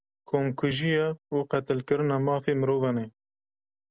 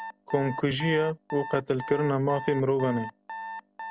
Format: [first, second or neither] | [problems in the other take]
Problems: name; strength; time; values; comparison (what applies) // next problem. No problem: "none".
first | background sound (Alarm); 11 dB below the speech